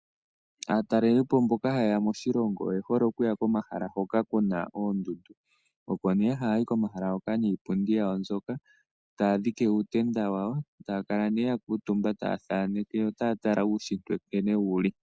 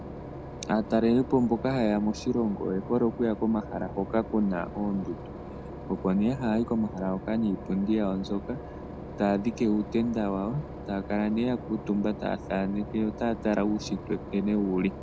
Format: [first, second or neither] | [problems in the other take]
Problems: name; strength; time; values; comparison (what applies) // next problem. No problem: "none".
first | background sound (Engine / Boat, Water vehicle); 11 dB below the speech